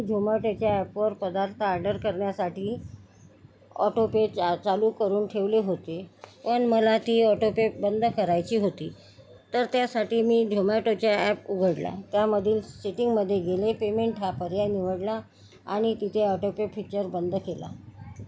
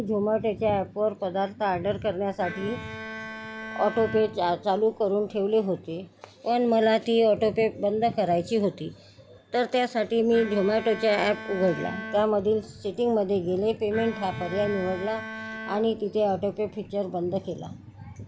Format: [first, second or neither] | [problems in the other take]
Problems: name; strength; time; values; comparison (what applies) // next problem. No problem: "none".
first | background sound (Bowed string instrument); 13 dB below the speech